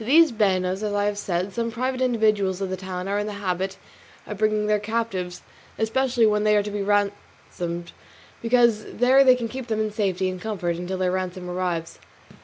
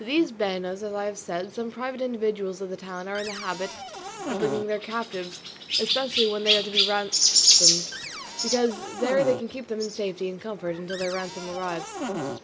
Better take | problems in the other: first | background sound (Cupboard open or close + Chirp, tweet); 1 dB above the speech

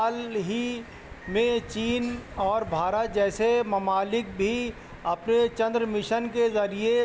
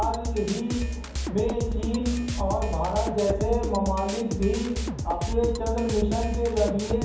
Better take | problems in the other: first | background sound (Drum kit); 3 dB below the speech // room echo; dies away in 1.2 s

